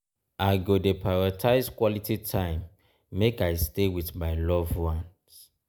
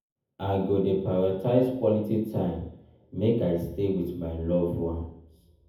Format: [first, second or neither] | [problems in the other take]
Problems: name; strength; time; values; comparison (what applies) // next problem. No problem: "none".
first | room echo; dies away in 0.7 s